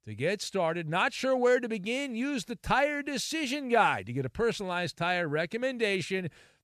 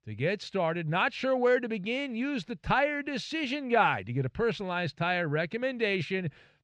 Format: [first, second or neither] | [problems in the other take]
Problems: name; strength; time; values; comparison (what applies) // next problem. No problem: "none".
first | muffled; very slightly; fading above 3 kHz